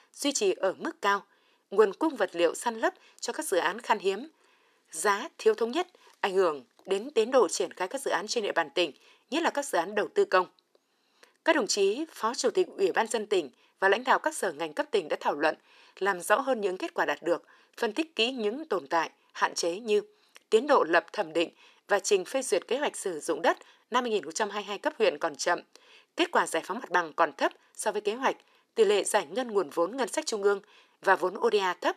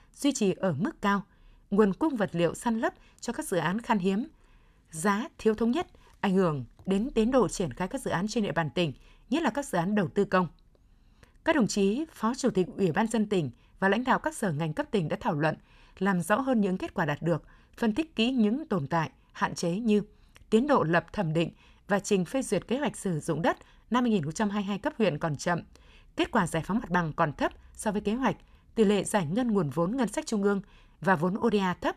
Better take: second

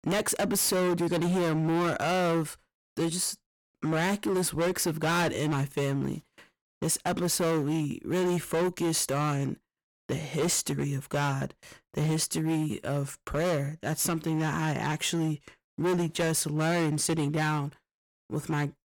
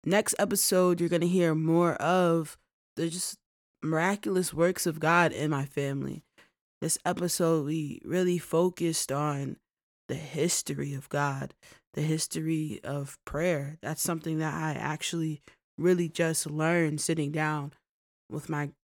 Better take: second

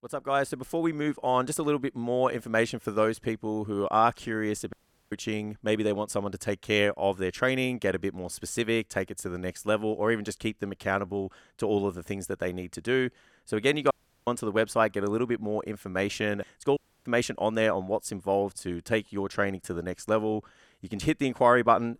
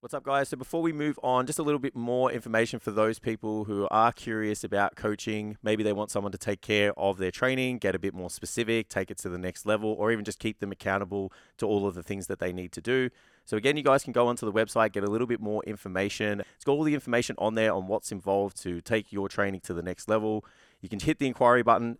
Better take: second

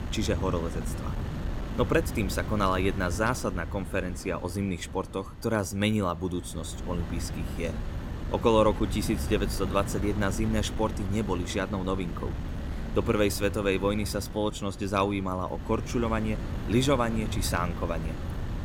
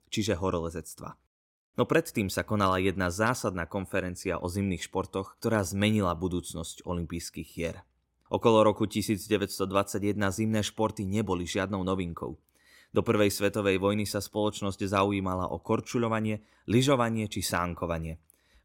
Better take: second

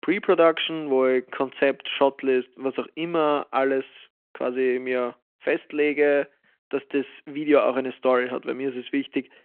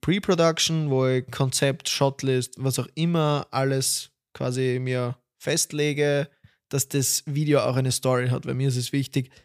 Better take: second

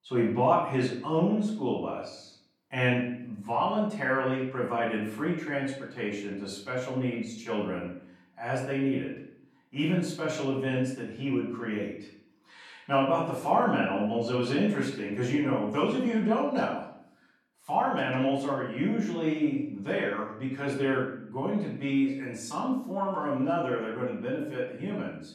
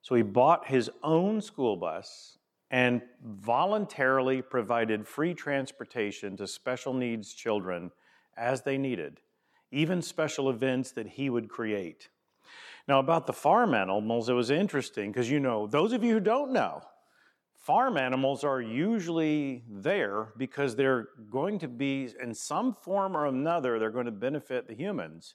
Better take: second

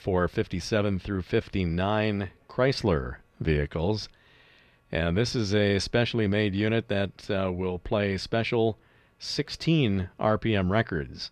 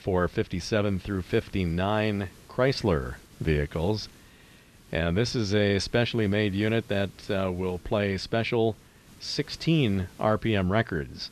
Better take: first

